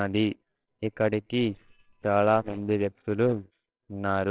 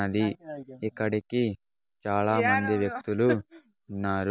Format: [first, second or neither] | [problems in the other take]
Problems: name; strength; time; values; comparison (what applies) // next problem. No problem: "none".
second | noise reduction (neural separator model SepFormer WHAMR!)